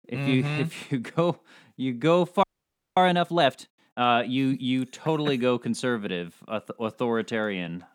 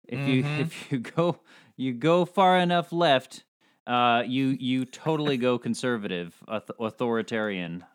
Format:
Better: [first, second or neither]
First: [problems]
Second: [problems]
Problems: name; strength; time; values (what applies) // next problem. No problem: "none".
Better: second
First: audio freezing; at 2.5 s for 0.5 s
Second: none